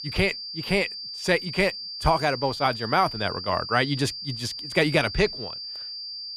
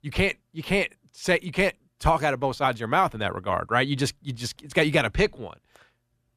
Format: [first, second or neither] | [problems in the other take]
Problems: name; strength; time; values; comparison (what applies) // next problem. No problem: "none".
second | high-pitched whine; loud; throughout; 4.5 kHz, 8 dB below the speech